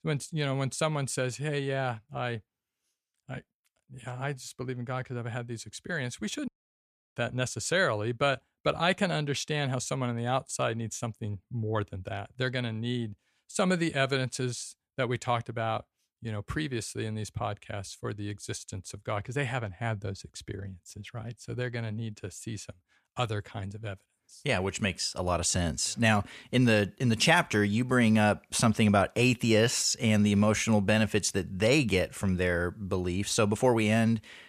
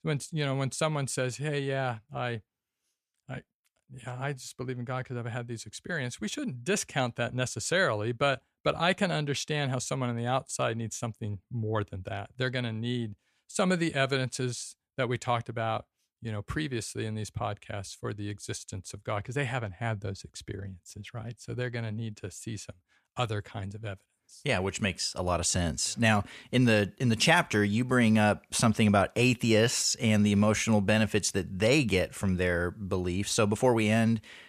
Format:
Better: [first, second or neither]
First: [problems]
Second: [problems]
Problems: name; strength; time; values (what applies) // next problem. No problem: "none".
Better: second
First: audio cutting out; at 6.5 s for 0.5 s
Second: none